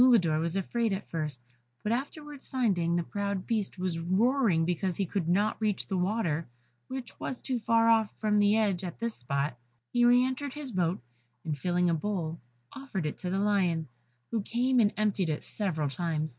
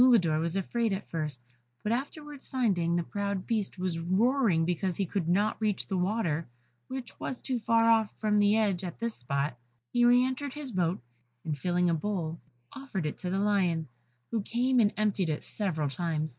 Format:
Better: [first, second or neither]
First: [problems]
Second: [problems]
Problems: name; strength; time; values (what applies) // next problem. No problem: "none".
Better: first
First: none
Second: noise reduction (neural mask model Resemble Enhance denoiser)